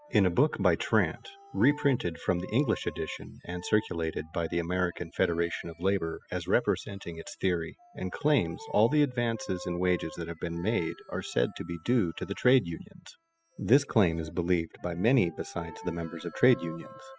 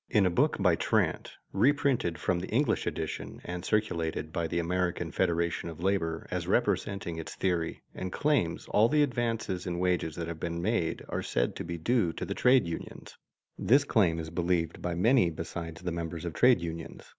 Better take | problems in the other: second | noise reduction (classical method spectral subtraction)

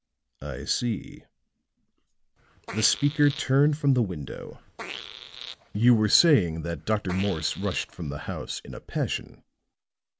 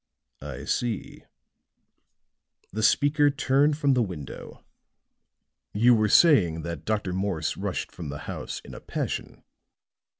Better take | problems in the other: second | background sound (Fart); 14 dB below the speech

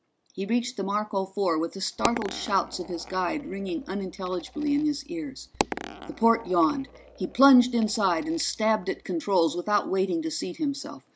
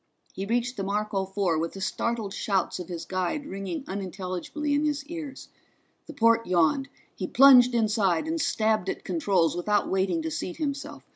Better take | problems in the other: second | background sound (Coin (dropping)); 12 dB below the speech

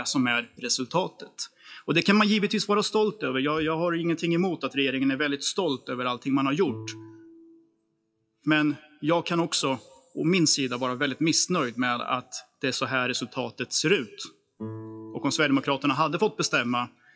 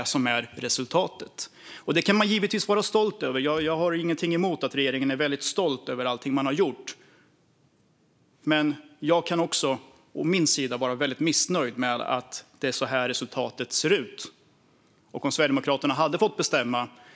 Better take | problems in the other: second | noise reduction (classical method WPE with log-MMSE)

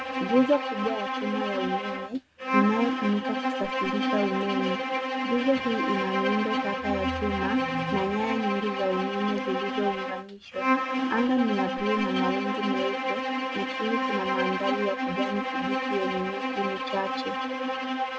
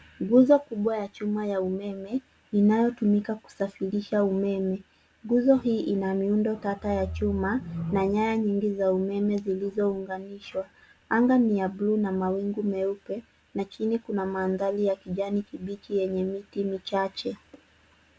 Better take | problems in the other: second | background sound (Bowed string instrument); 1 dB above the speech

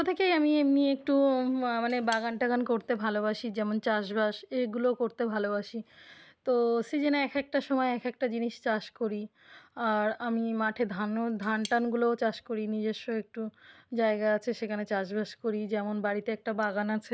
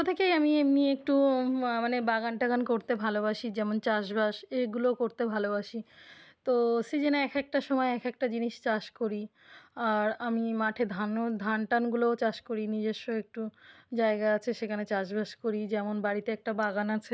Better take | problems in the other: second | background sound (Cutlery, silverware / Tap); 19 dB below the speech

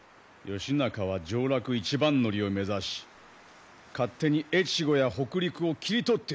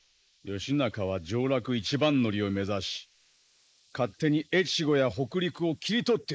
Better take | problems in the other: first | noise reduction (neural mask model Resemble Enhance denoiser)

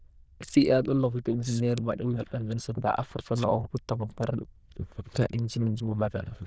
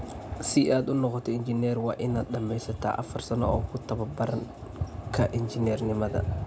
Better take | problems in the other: second | noise reduction (neural diffusion model UNIVERSE++)

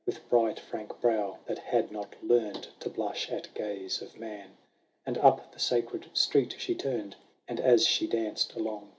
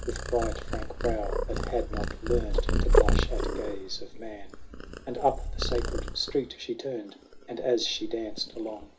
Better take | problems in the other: first | background sound (Purr); 3 dB above the speech

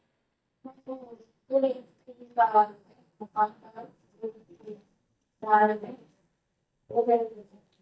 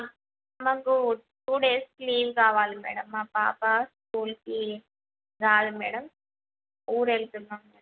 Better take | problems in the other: second | noise reduction (neural mask model DeepFilterNet 3)

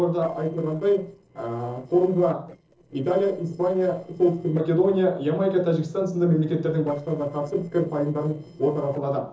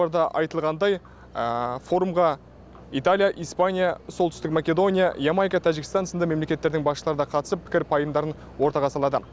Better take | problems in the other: second | noise reduction (neural separator model SepFormer DNS4)

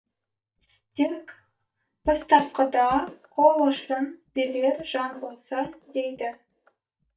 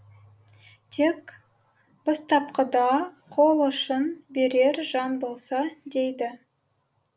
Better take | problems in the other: second | noise reduction (neural mask model DeepFilterNet 3)

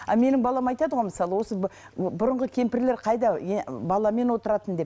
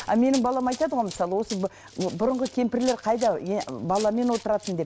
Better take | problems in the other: first | background sound (Run); 18 dB below the speech

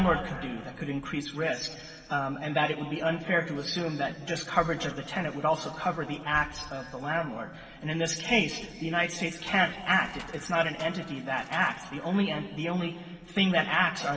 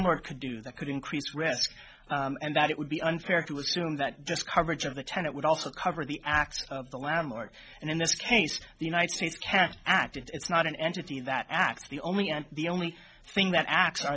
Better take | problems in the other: second | background sound (Tools); 20 dB below the speech // room echo; dies away in 2.6 s

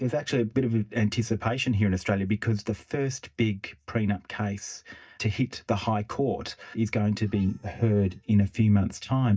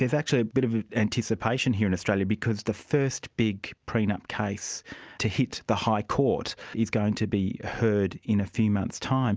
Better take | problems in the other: second | noise reduction (neural mask model DeepFilterNet 3)

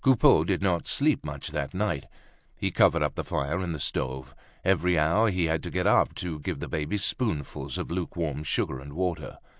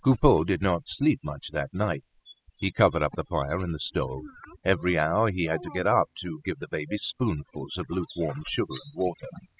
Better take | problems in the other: first | noise reduction (classical method spectral subtraction)

